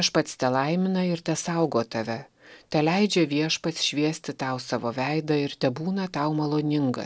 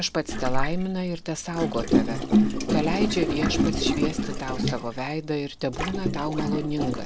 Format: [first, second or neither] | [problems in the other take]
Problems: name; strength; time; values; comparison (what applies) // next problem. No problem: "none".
first | background sound (Gurgling); 3 dB above the speech